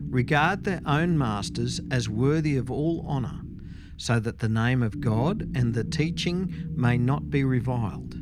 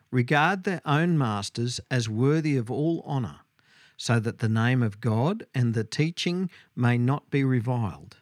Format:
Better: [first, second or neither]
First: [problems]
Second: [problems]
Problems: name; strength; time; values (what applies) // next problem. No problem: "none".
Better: second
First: low rumble; noticeable; throughout; 15 dB below the speech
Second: none